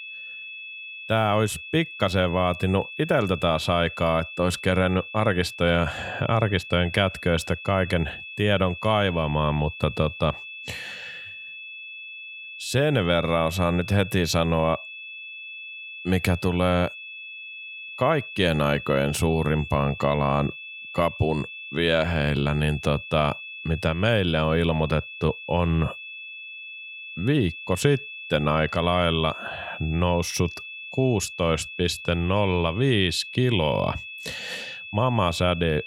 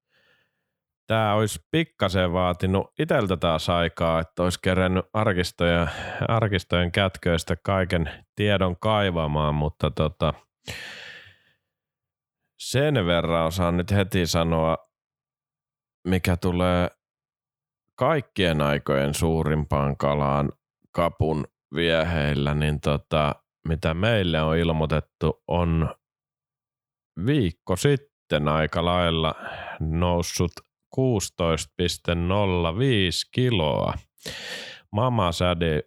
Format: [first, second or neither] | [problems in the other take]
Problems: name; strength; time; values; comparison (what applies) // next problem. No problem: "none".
second | high-pitched whine; noticeable; throughout; 2.5 kHz, 10 dB below the speech